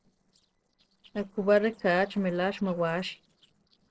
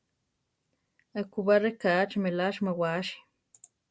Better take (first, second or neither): second